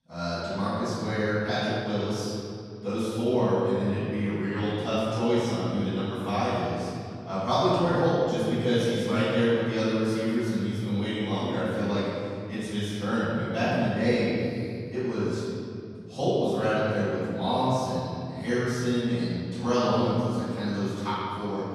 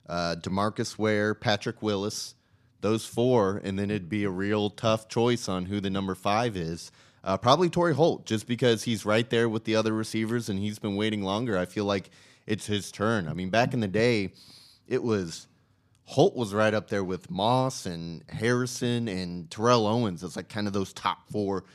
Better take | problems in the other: second | off-mic speech; far // room echo; strong; dies away in 2.5 s

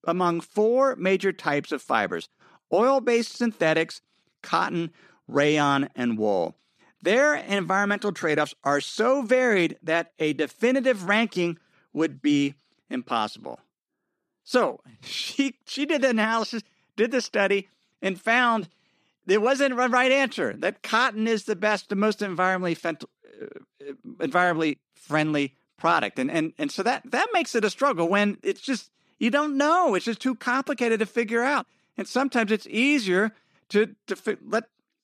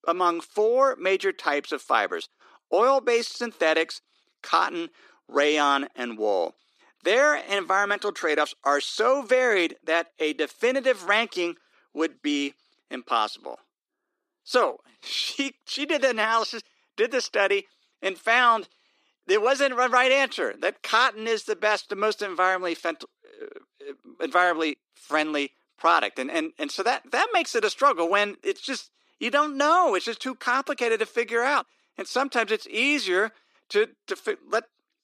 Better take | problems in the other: first | thin; somewhat; fading below 300 Hz

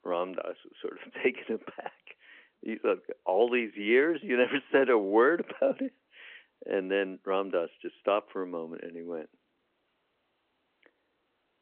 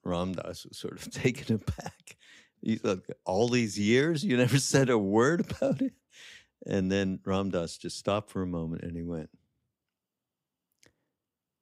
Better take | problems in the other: second | phone-call audio

